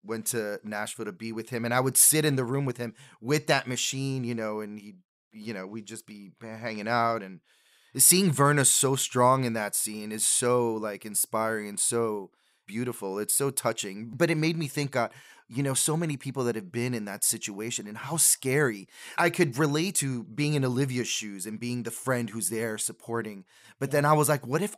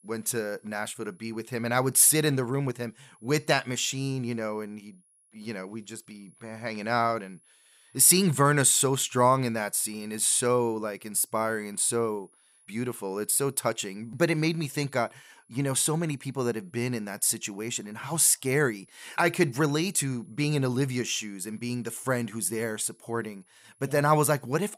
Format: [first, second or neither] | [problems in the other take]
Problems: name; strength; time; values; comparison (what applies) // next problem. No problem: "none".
first | high-pitched whine; faint; throughout; 10.5 kHz, 35 dB below the speech